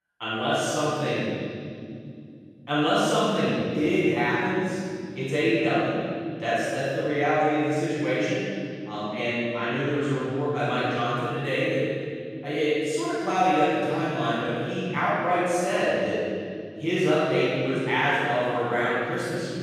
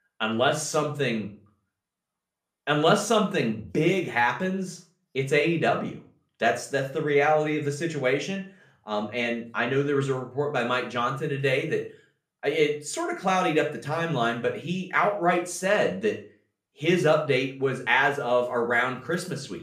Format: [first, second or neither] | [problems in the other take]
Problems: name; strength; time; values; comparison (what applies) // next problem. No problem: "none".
second | room echo; strong; dies away in 2.8 s; slight in the second // off-mic speech; far; somewhat distant in the second